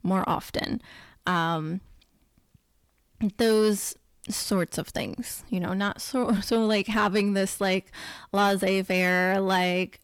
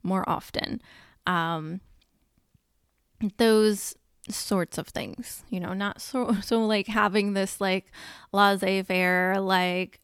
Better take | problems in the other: second | distortion; slight; 10 dB below the speech

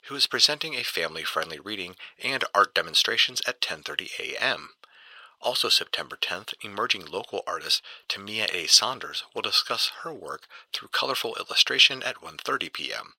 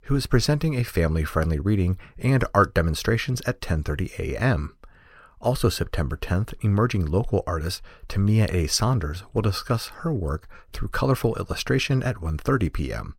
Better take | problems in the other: second | thin; very; fading below 650 Hz

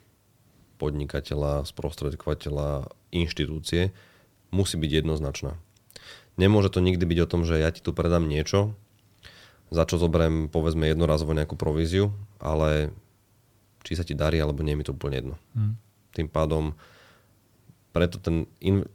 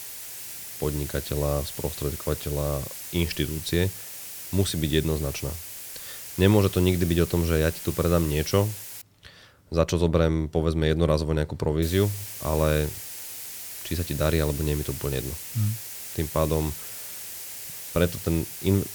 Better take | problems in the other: first | hiss; loud; until 9 s and from 12 s on; 9 dB below the speech

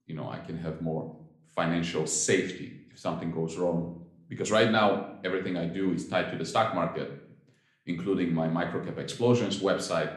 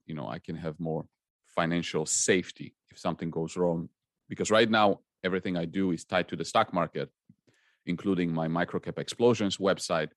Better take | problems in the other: second | room echo; slight; dies away in 0.5 s

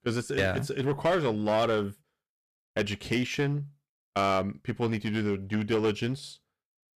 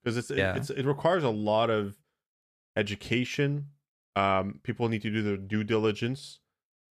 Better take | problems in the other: second | distortion; slight; 6% of the sound clipped

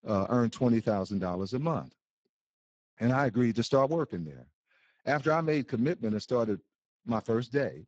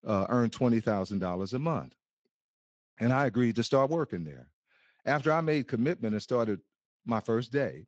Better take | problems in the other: second | garbled, watery; badly; nothing above 7.5 kHz; slightly in the second

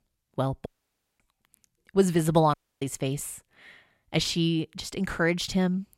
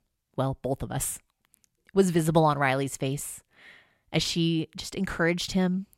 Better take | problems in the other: second | audio cutting out; at 0.5 s for 0.5 s and at 2.5 s

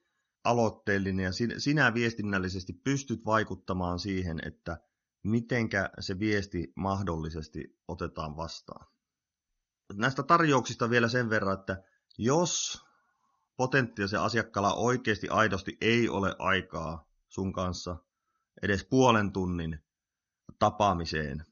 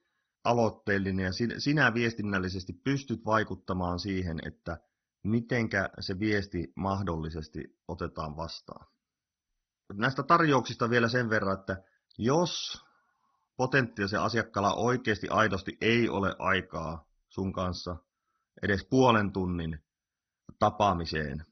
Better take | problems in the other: first | garbled, watery; badly; nothing above 6 kHz; slightly in the first

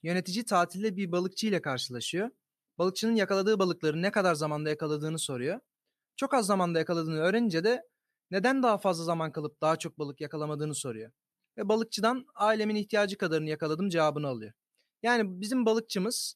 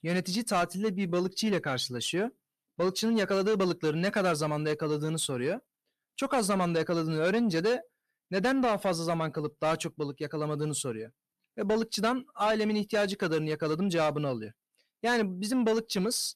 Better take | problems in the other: first | distortion; slight; 10 dB below the speech

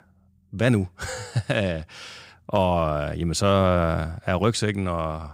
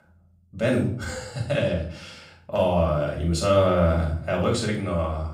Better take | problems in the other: first | off-mic speech; far // room echo; noticeable; dies away in 0.4 s

